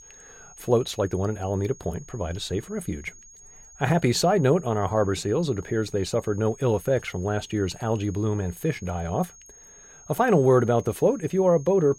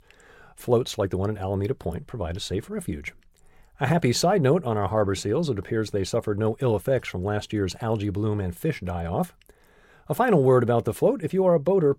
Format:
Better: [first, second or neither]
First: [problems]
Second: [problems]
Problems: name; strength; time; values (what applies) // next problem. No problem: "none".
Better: second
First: high-pitched whine; faint; throughout; 6.5 kHz, 20 dB below the speech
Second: none